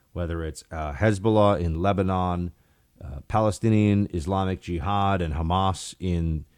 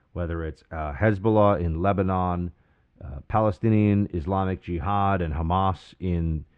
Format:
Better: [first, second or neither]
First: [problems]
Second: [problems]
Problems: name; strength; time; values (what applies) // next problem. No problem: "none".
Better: first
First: none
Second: muffled; very; fading above 2 kHz